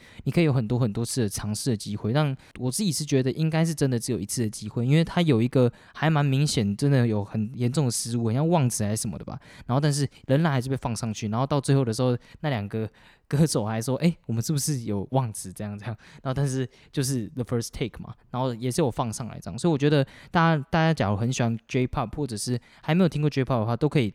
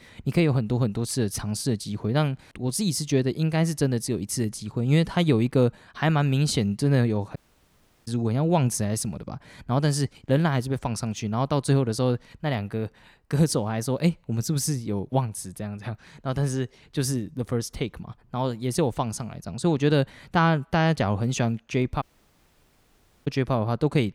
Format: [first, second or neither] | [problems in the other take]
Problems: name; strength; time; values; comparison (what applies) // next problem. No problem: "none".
first | audio cutting out; at 7.5 s for 0.5 s and at 22 s for 1 s